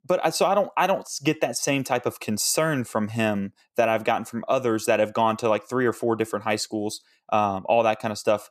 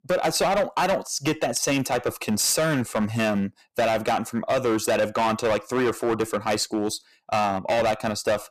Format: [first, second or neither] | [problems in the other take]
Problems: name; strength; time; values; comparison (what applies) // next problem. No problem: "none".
first | distortion; heavy; 15% of the sound clipped